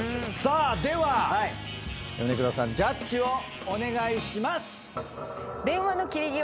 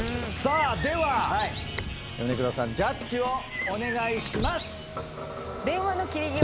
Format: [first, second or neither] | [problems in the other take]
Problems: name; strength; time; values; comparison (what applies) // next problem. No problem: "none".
first | background sound (Bird + Motor vehicle (road)); 7 dB below the speech